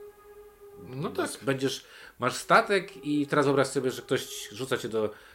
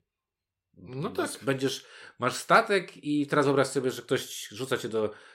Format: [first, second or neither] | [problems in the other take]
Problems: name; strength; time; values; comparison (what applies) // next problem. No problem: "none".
second | hiss; faint; throughout; 25 dB below the speech